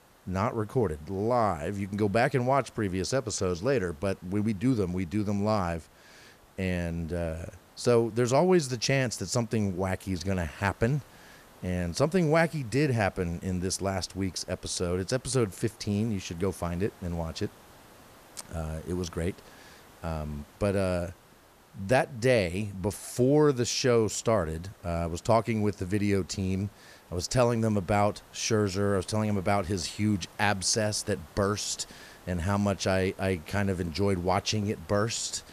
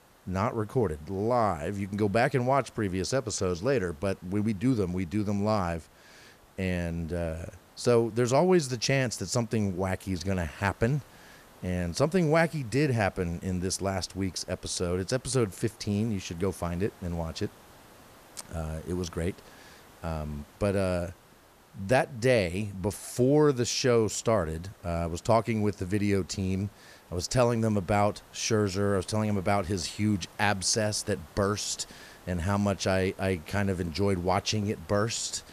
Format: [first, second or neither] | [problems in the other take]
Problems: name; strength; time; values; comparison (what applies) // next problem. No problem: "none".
neither | hiss; faint; throughout; 25 dB below the speech; the same in both